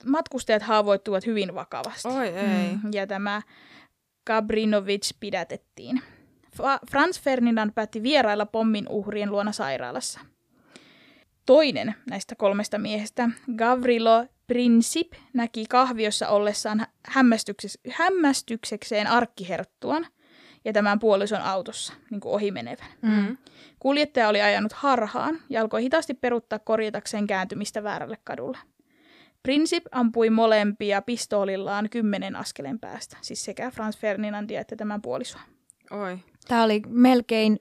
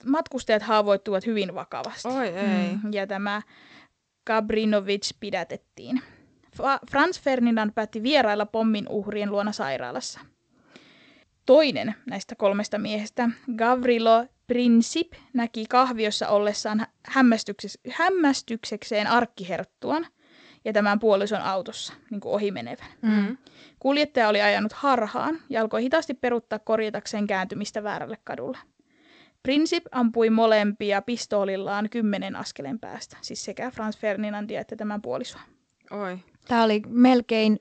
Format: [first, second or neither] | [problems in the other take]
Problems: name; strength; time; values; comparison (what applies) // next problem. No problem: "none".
first | garbled, watery; slightly; nothing above 8 kHz